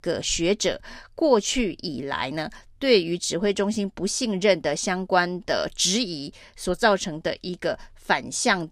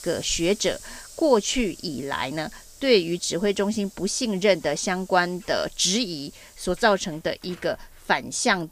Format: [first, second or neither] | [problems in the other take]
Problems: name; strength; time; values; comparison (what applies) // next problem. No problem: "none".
first | hiss; faint; throughout; 20 dB below the speech